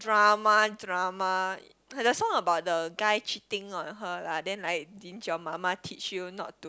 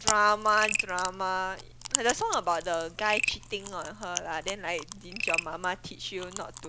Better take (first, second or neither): first